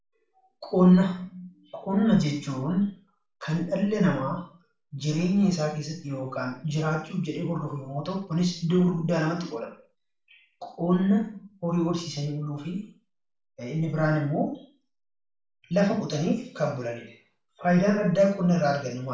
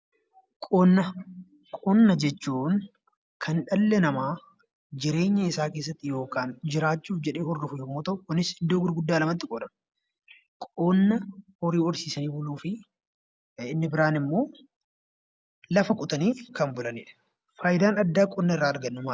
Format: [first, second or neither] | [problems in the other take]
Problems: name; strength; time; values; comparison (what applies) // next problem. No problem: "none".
second | room echo; dies away in 0.4 s